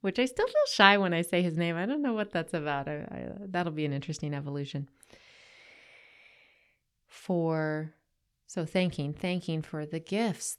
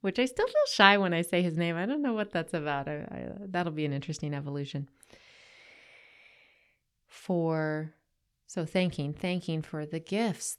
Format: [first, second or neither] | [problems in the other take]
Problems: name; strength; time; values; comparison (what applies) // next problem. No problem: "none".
neither | none